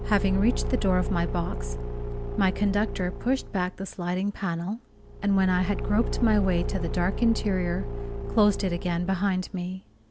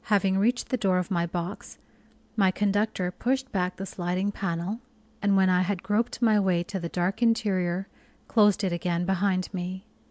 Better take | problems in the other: second | background sound (Engine / Car); 4 dB below the speech

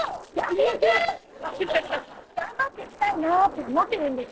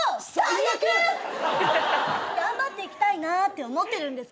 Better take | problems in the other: second | noise reduction (neural separator model SepFormer DNS4)

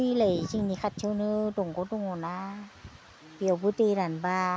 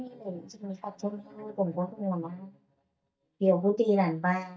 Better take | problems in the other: first | noise reduction (neural mask model DeepFilterNet 3)

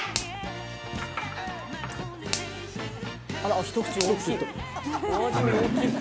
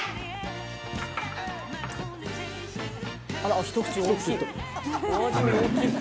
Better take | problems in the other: second | background sound (Finger snapping); 10 dB below the speech

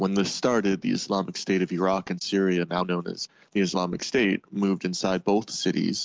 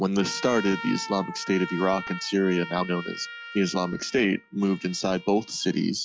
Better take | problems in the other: first | noise reduction (classical method log-MMSE)

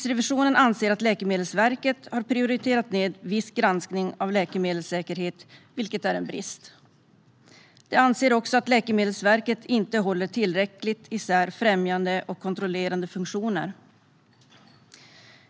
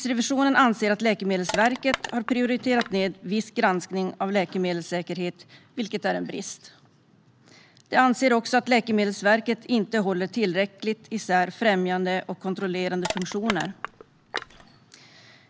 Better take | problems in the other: first | background sound (Crushing); 9 dB below the speech

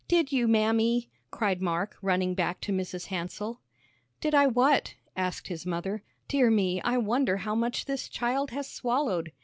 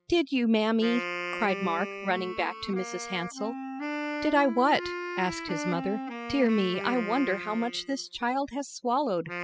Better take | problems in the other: first | noise reduction (classical method spectral subtraction)

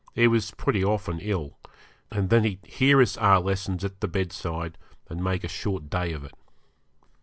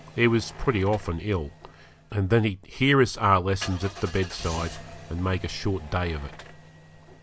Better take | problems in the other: first | background sound (Engine starting / Car); 17 dB below the speech

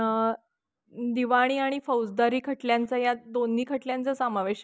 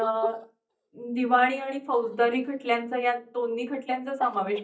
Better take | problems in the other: first | noise reduction (neural mask model DeepFilterNet 3)

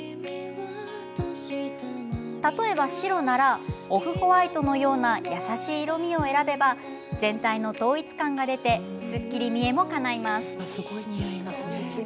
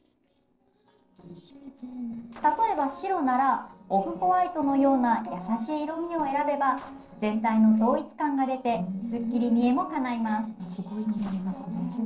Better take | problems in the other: first | noise reduction (neural separator model SepFormer DNS4)

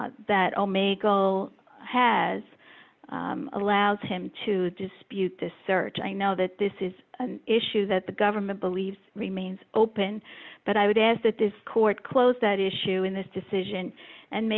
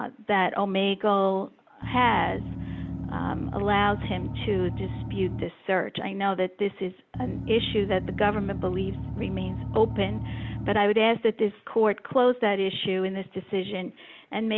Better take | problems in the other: first | background sound (Engine); 6 dB below the speech

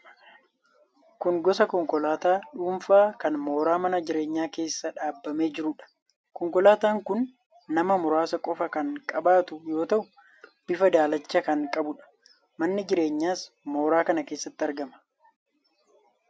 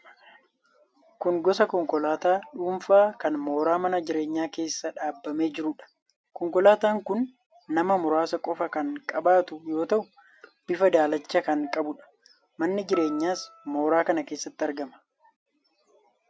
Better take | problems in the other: first | background sound (Piano); 17 dB below the speech

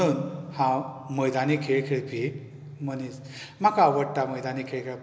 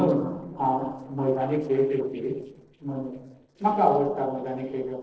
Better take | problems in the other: first | noise reduction (neural separator model SepFormer DNS4)

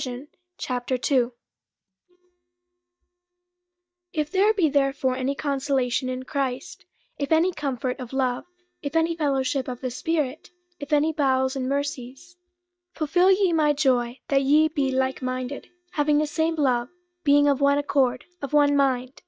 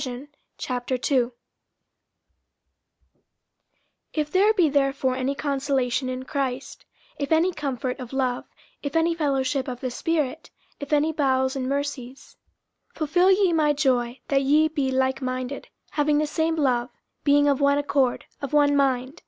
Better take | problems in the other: second | noise reduction (neural mask model DeepFilterNet 3)

